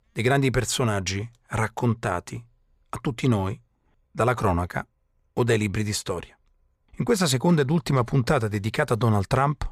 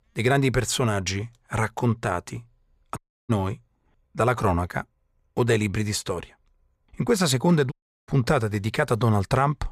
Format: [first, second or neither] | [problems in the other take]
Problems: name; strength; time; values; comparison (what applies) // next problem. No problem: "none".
first | audio cutting out; at 3 s and at 7.5 s